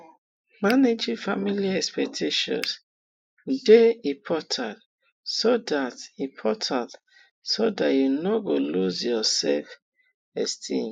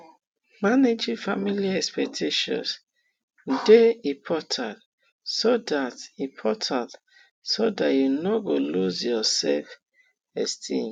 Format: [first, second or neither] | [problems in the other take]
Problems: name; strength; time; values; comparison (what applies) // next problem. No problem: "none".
second | noise reduction (neural mask model Resemble Enhance denoiser)